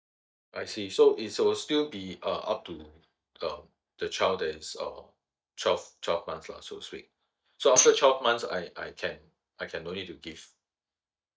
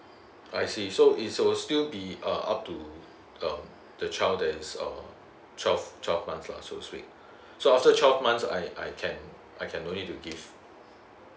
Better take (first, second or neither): second